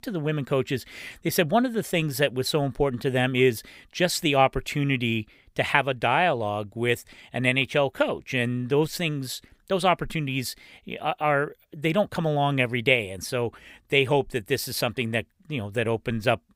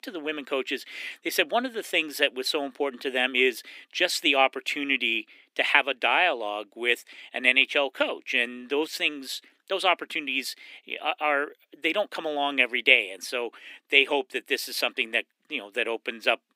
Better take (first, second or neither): first